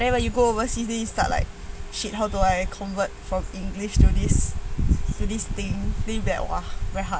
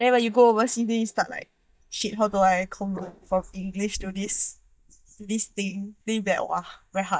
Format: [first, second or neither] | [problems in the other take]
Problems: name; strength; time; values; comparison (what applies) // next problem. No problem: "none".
first | noise reduction (neural mask model DeepFilterNet 3)